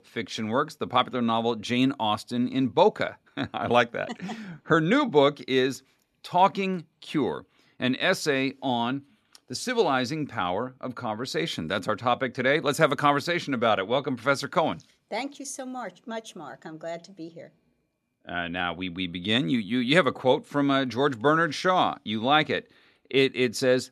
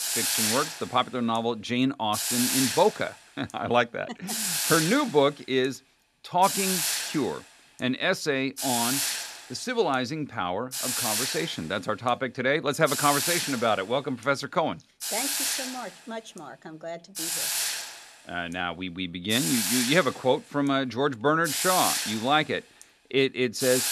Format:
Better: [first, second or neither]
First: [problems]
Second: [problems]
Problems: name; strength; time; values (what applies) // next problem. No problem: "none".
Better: first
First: none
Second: hiss; loud; throughout; 1 dB below the speech